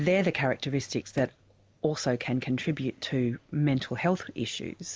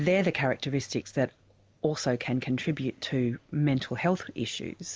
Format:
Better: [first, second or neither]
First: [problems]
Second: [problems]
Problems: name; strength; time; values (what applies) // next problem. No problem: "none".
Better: second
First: background sound (Drawer open or close); 19 dB below the speech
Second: none